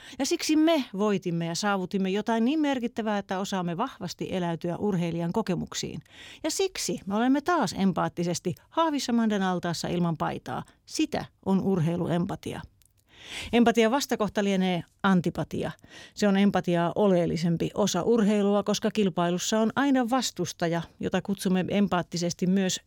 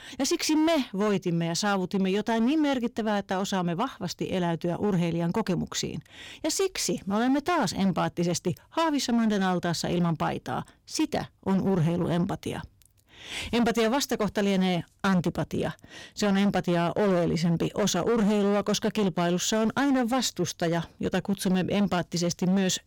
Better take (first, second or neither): first